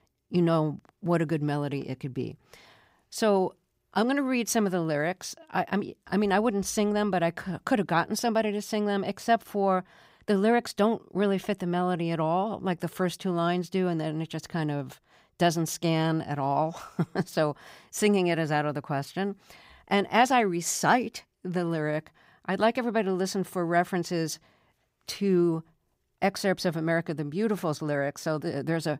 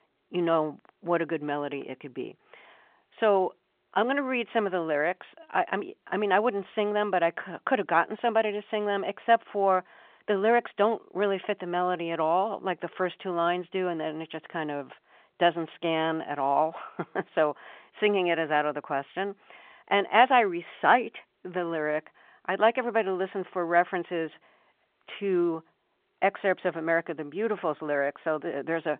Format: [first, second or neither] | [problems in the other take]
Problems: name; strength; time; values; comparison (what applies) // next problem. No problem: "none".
first | phone-call audio